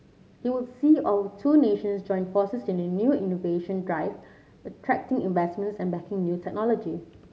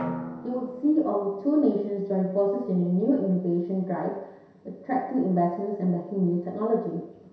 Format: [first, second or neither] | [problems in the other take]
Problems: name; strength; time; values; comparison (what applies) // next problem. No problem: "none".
first | background sound (Drum); 17 dB below the speech // room echo; dies away in 0.7 s